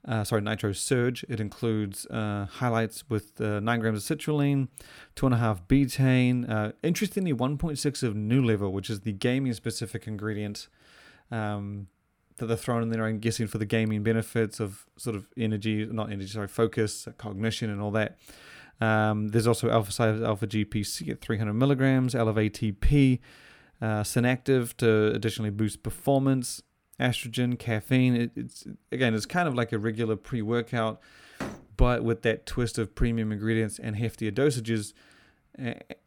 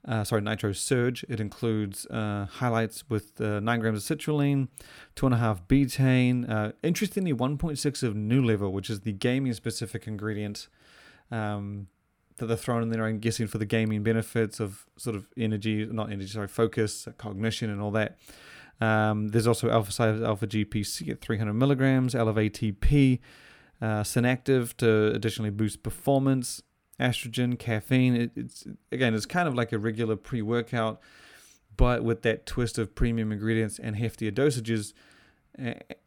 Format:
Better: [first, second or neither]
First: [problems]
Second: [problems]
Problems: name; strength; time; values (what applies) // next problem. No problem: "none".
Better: second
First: door banging; faint; at 31 s; peak 10 dB below the speech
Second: none